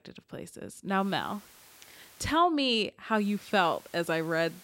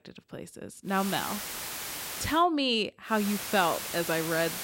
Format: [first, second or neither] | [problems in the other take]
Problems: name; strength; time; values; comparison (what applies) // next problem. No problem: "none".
first | hiss; loud; from 1 to 2.5 s and from 3 s on; 7 dB below the speech; faint in the first